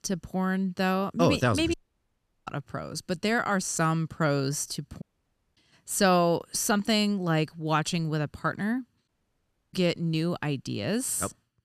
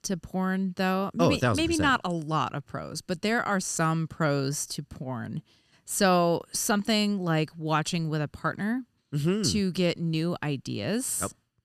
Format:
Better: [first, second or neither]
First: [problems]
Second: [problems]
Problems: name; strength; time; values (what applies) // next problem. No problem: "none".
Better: second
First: audio cutting out; at 1.5 s for 0.5 s, at 5 s for 0.5 s and at 9 s for 0.5 s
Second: none